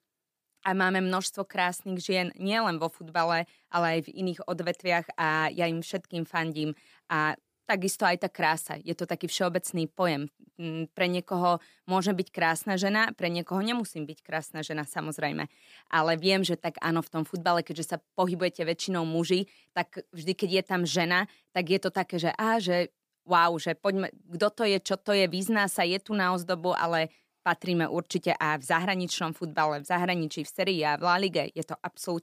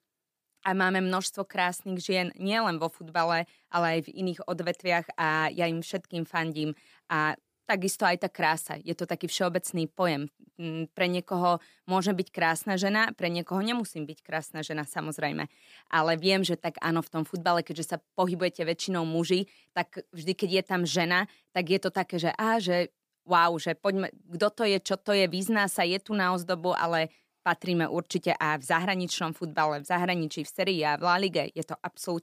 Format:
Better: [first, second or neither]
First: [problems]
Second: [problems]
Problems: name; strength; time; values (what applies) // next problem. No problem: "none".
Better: neither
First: none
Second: none